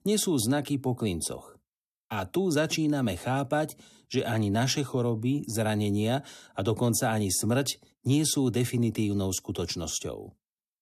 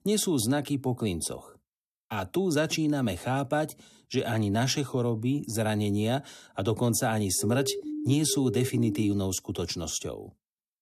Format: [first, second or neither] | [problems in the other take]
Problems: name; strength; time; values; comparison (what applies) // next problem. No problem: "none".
first | siren; noticeable; from 7.5 to 9 s; peak 6 dB below the speech